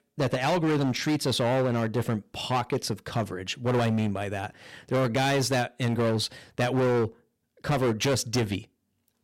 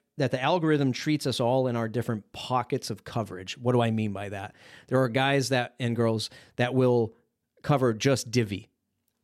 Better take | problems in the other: second | distortion; heavy; 16% of the sound clipped

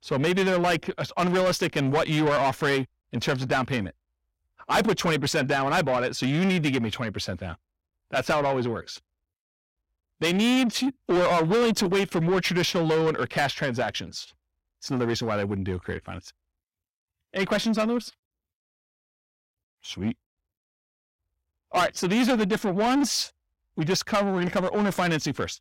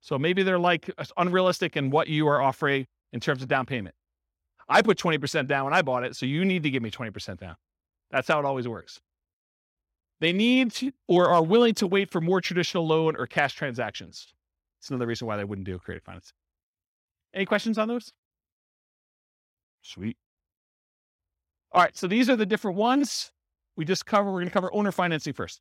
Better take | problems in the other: second | distortion; heavy; 7 dB below the speech

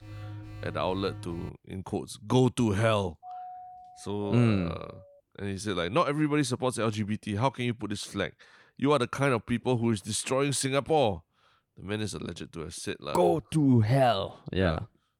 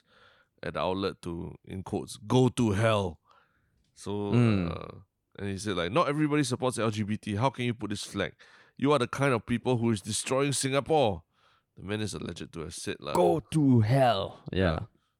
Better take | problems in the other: second | alarm; faint; until 1.5 s; peak 15 dB below the speech // doorbell; faint; from 3 to 5 s; peak 15 dB below the speech

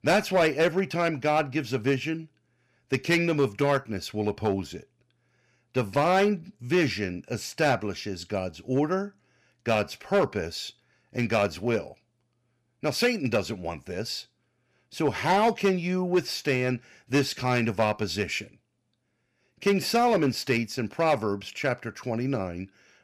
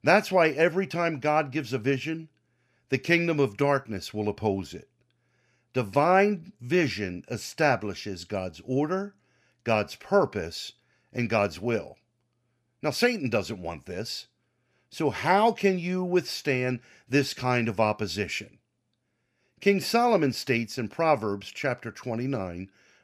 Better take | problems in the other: second | distortion; slight; 3% of the sound clipped

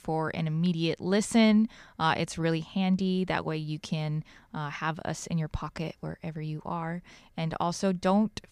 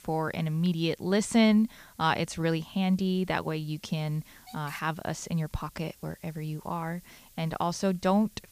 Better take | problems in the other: first | hiss; faint; throughout; 25 dB below the speech

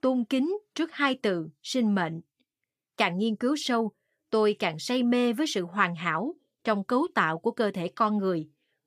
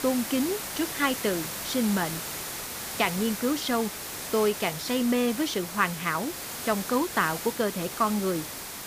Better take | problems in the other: first | hiss; loud; throughout; 6 dB below the speech

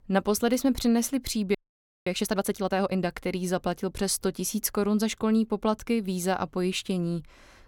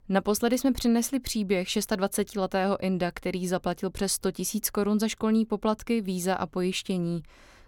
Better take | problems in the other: second | audio freezing; at 1.5 s for 0.5 s

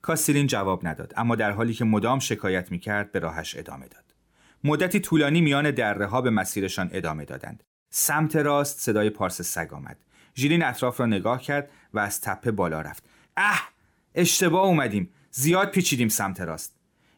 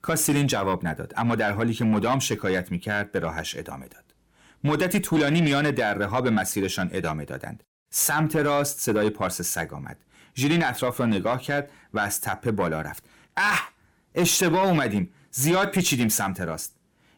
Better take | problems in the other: first | distortion; slight; 10 dB below the speech

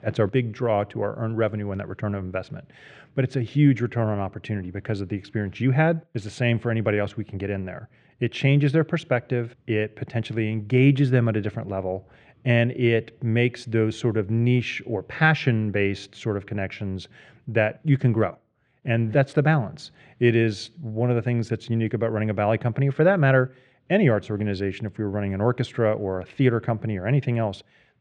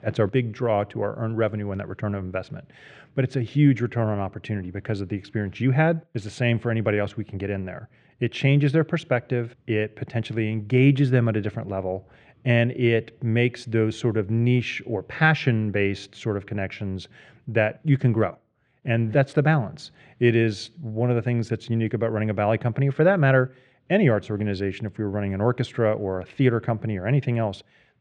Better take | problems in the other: neither | muffled; slightly; fading above 3.5 kHz; the same in both

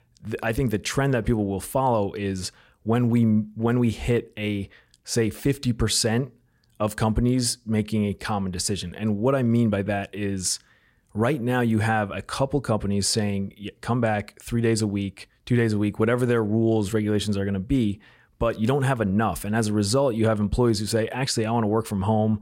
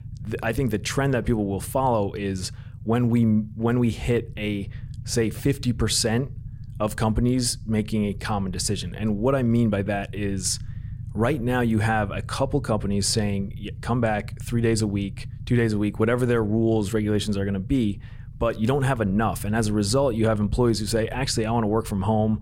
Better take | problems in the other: first | low rumble; faint; throughout; 25 dB below the speech

